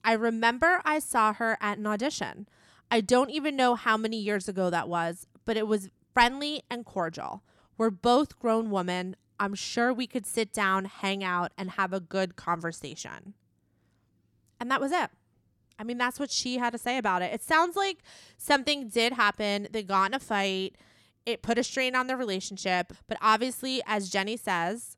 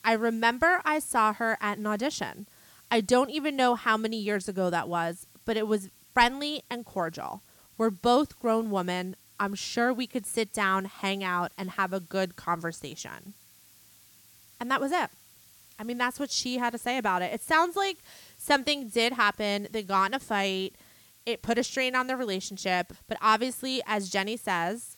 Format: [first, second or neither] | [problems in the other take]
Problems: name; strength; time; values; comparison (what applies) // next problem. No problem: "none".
first | hiss; faint; throughout; 25 dB below the speech